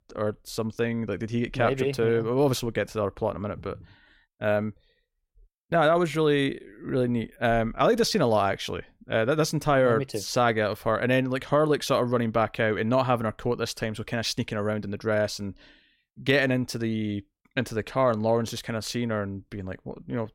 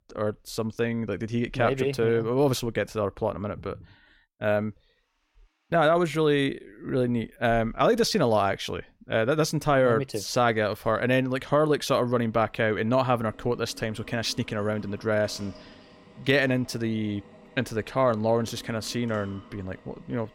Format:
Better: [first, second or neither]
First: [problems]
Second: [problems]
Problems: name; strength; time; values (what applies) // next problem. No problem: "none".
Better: first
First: none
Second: machinery noise; faint; throughout; 25 dB below the speech